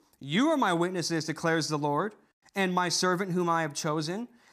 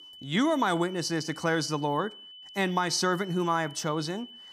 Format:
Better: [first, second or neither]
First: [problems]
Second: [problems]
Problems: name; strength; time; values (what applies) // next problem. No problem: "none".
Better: first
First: none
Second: high-pitched whine; noticeable; throughout; 3 kHz, 15 dB below the speech